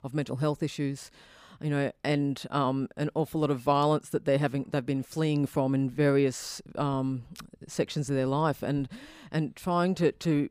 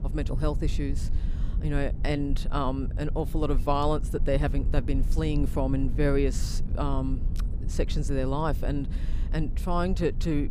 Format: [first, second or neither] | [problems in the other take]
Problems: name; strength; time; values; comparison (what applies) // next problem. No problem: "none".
first | low rumble; noticeable; throughout; 15 dB below the speech